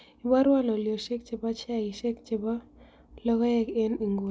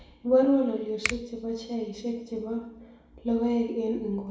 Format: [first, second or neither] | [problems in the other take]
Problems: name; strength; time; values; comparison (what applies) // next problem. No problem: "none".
first | background sound (Finger snapping); 11 dB below the speech // room echo; dies away in 0.8 s